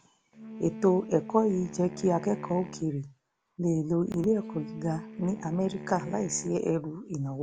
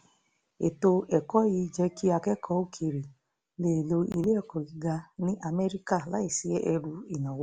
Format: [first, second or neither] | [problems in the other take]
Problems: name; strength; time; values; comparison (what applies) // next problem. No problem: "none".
second | background sound (Wind instrument, woodwind instrument); 14 dB below the speech